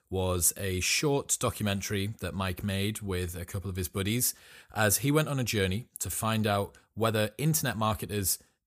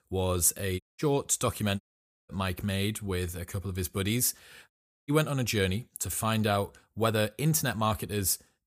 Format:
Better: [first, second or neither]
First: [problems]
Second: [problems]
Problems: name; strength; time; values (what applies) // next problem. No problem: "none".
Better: first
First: none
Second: audio cutting out; at 1 s, at 2 s and at 4.5 s